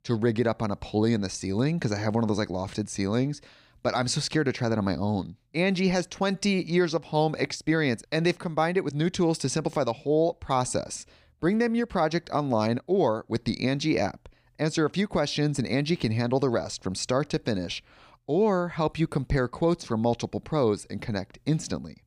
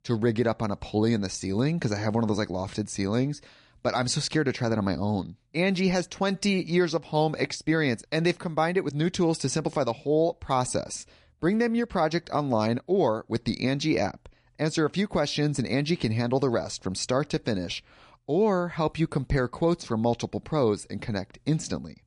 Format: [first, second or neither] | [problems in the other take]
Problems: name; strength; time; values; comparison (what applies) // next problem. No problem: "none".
first | garbled, watery; slightly; nothing above 10 kHz